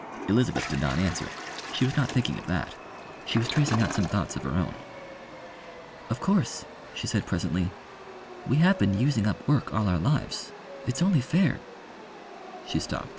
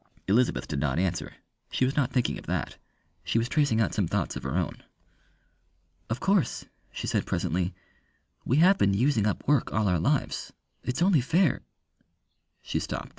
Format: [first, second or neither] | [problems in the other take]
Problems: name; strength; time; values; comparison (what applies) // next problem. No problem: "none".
second | background sound (Chatter / Subway, metro, underground + Toilet flush); 12 dB below the speech